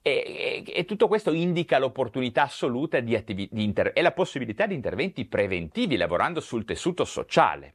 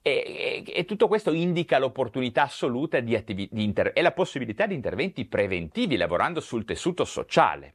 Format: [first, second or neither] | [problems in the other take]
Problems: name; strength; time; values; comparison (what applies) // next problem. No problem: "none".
neither | none